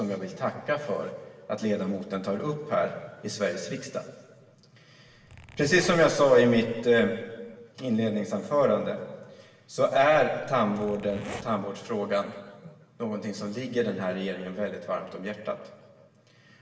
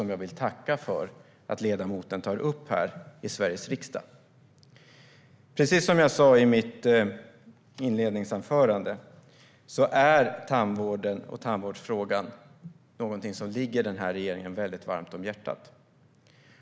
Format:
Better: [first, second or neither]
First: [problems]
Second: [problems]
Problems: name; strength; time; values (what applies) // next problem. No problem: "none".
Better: second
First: background sound (Zipper (clothing)); 15 dB below the speech // room echo; dies away in 1.4 s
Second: none